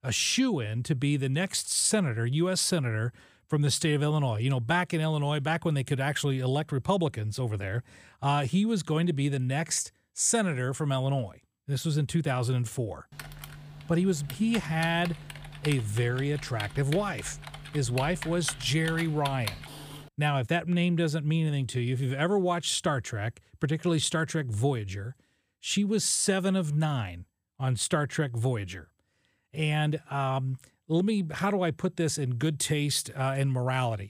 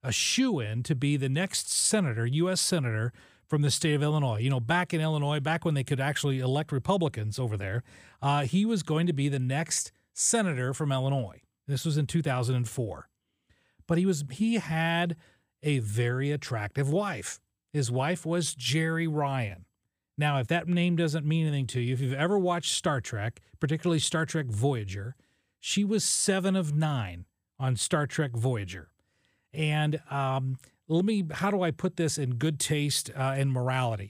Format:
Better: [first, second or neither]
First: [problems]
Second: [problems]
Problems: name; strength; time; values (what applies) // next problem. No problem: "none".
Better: second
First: keyboard typing; noticeable; from 13 to 20 s; peak 8 dB below the speech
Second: none